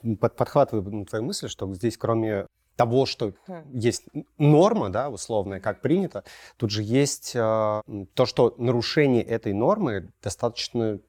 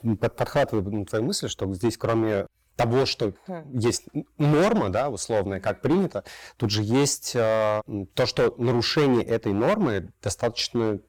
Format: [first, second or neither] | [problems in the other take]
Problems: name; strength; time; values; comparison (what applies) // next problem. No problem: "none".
first | distortion; heavy; 8% of the sound clipped